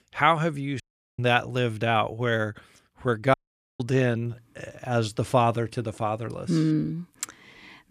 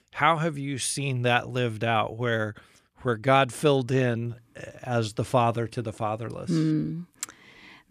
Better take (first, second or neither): second